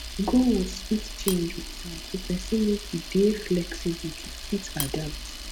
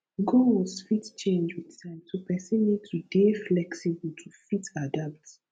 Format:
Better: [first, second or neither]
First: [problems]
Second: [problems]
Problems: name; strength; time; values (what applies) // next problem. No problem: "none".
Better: second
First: background sound (Camera); 8 dB below the speech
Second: none